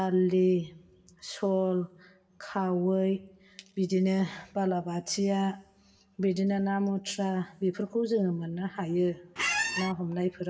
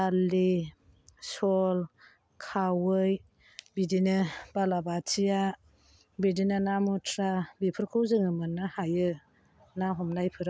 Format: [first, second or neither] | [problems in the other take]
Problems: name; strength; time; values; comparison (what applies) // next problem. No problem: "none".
second | background sound (Squeak); as loud as the speech // room echo; dies away in 0.7 s